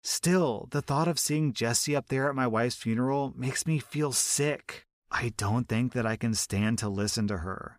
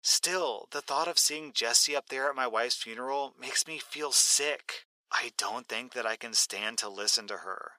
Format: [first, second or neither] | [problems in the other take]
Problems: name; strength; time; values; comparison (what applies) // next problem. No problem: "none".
first | thin; very; fading below 500 Hz